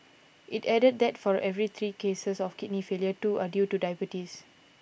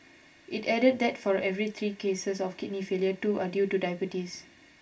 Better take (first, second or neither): first